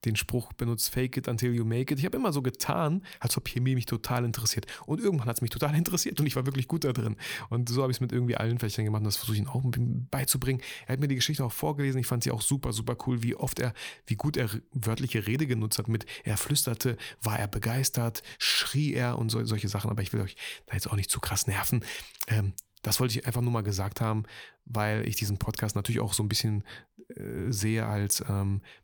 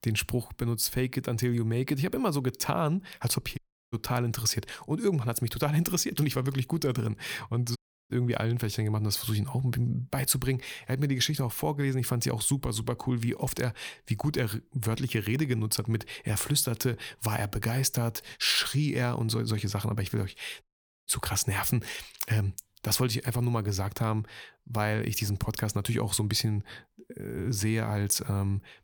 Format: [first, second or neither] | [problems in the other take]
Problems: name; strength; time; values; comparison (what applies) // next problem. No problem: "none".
first | audio cutting out; at 3.5 s, at 8 s and at 21 s